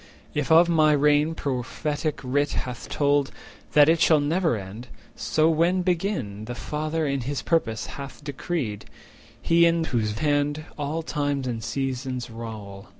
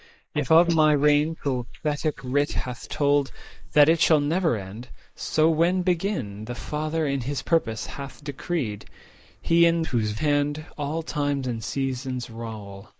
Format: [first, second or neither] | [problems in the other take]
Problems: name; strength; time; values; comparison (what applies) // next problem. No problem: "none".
first | noise reduction (neural mask model Resemble Enhance denoiser)